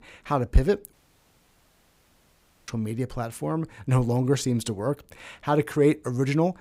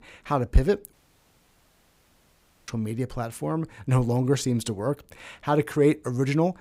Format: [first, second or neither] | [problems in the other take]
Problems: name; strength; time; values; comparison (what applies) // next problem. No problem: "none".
neither | audio cutting out; at 1 s for 2 s; the same in both